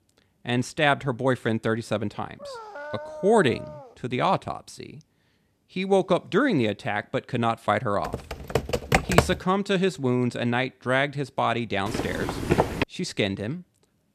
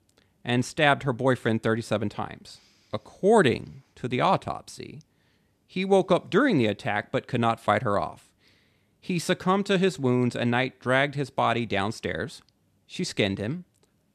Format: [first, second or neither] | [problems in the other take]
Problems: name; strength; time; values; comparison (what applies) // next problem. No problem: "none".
second | dog barking; faint; from 2.5 to 4 s; peak 10 dB below the speech // keyboard typing; loud; from 8 to 9 s; peak 4 dB above the speech // footsteps; loud; at 12 s; peak 2 dB above the speech